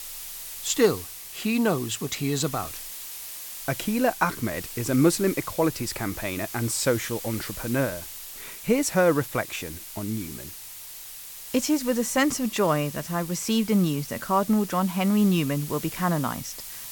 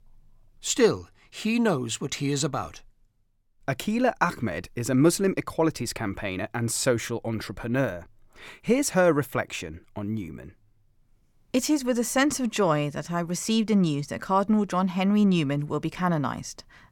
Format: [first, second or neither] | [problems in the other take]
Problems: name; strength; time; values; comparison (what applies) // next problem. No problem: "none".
second | hiss; noticeable; throughout; 10 dB below the speech